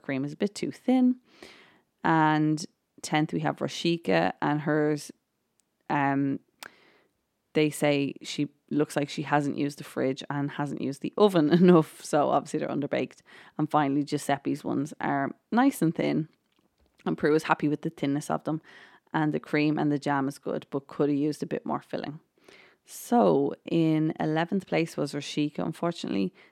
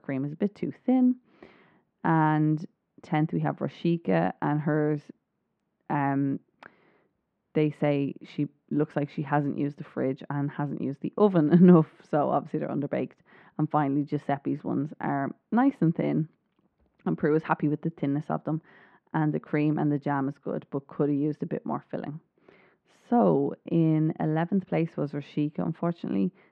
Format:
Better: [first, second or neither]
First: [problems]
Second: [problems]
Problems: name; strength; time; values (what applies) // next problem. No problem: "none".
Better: first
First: none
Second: muffled; very; fading above 2 kHz